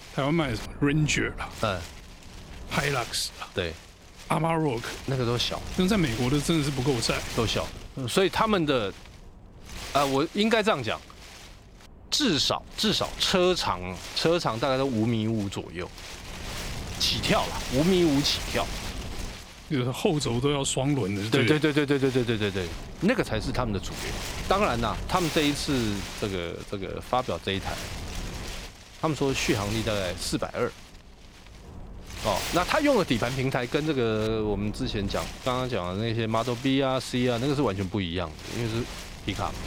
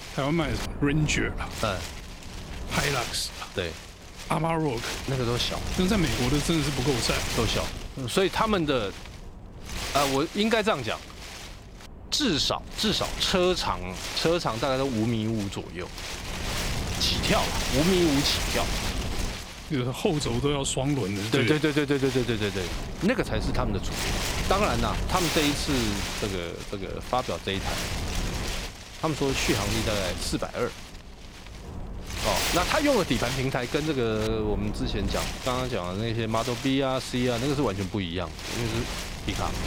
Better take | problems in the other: first | wind noise on the microphone; heavy; 5 dB below the speech; occasional gusts in the first

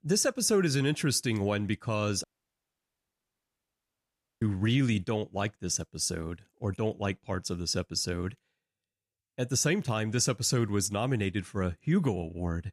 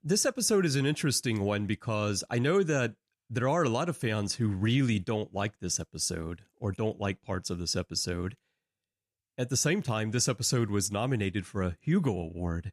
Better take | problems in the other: second | audio cutting out; at 2 s for 2 s

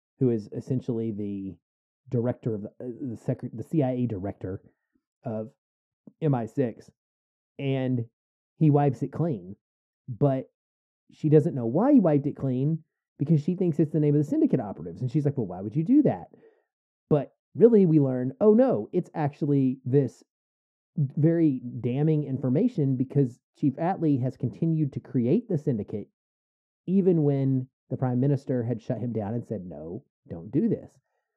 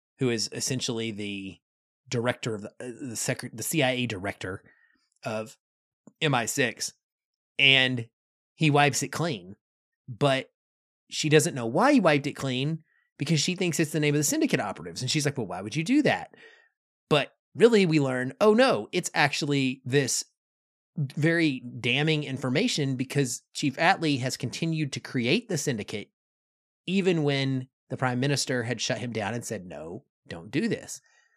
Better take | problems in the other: second | muffled; very; fading above 1.5 kHz

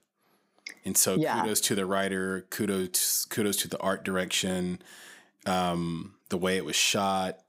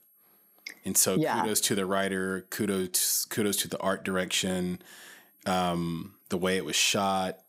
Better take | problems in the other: first | high-pitched whine; faint; until 3 s and from 4.5 s on; 11.5 kHz, 35 dB below the speech

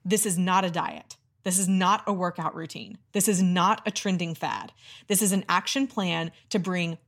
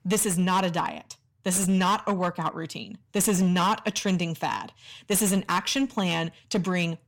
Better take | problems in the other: first | distortion; slight; 9% of the sound clipped

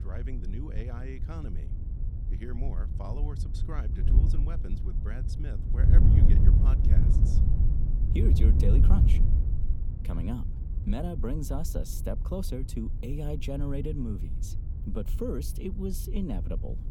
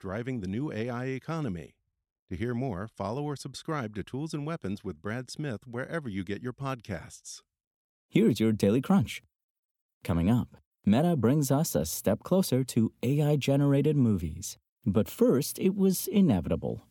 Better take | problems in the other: second | wind noise on the microphone; heavy; 3 dB below the speech

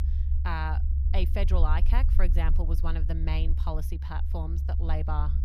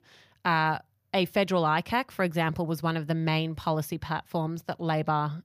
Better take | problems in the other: second | low rumble; noticeable; throughout; 10 dB below the speech

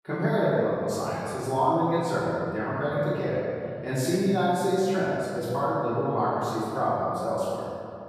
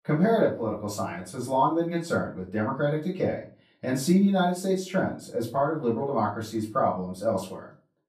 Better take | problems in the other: second | room echo; strong; dies away in 2.4 s; slight in the second // off-mic speech; far; far in the second

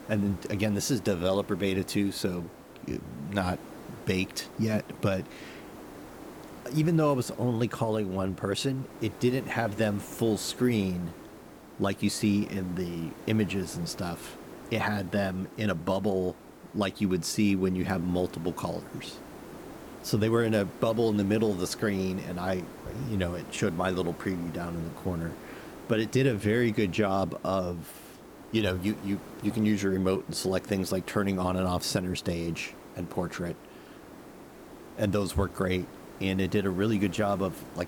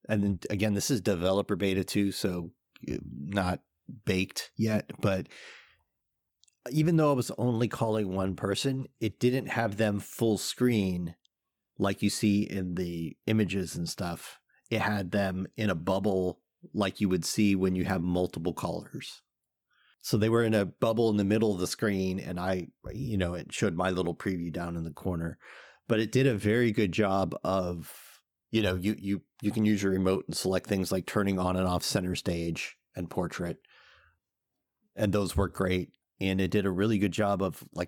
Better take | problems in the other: second | hiss; noticeable; throughout; 15 dB below the speech

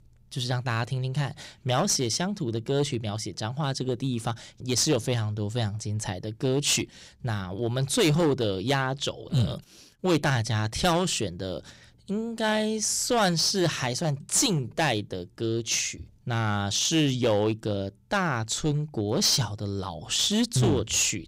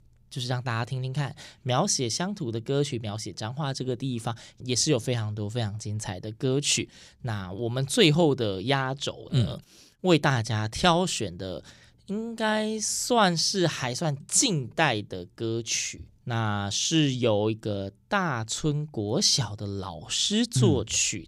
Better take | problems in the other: second | distortion; slight; 5% of the sound clipped

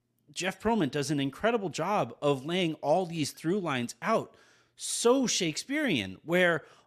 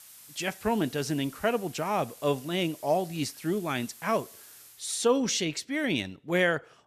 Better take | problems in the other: first | hiss; noticeable; until 5 s; 20 dB below the speech

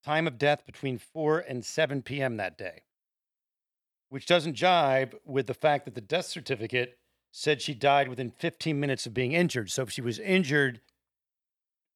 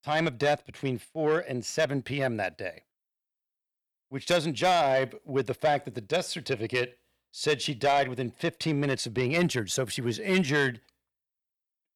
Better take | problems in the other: first | distortion; slight; 10 dB below the speech

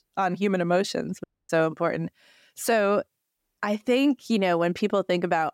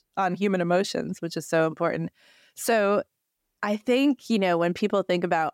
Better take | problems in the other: second | audio cutting out; at 1 s

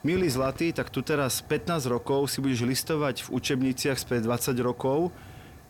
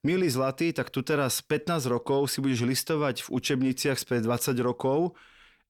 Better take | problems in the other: second | hiss; noticeable; throughout; 20 dB below the speech

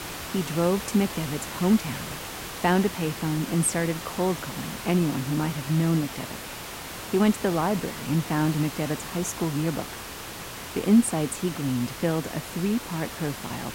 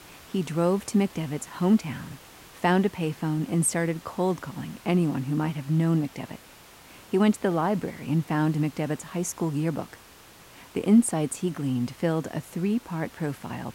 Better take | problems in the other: second | hiss; loud; throughout; 9 dB below the speech; faint in the second

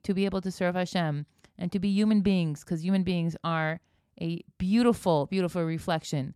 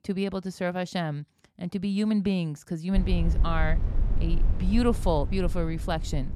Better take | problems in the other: first | low rumble; noticeable; from 3 s on; 15 dB below the speech

